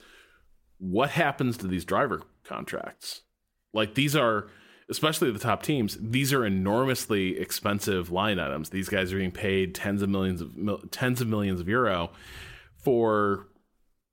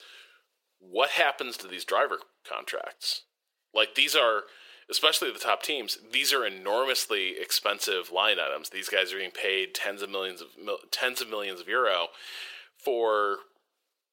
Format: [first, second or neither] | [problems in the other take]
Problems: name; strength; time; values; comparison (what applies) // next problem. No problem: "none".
first | thin; very; fading below 450 Hz